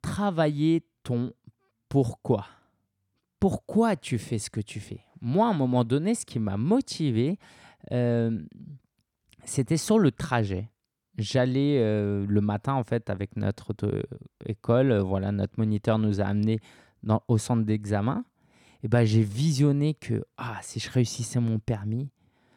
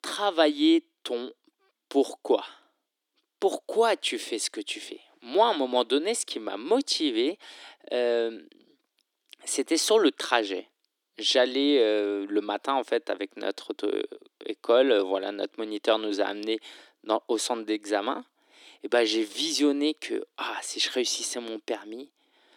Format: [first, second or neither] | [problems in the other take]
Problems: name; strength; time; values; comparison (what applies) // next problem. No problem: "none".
first | thin; somewhat; fading below 300 Hz